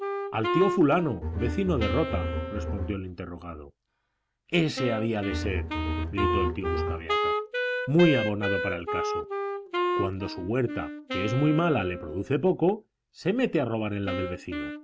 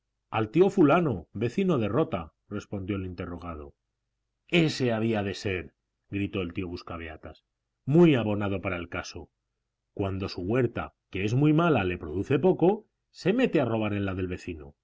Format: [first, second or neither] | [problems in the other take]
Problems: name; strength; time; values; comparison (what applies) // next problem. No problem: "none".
second | background sound (Wind instrument, woodwind instrument + Bowed string instrument); 3 dB below the speech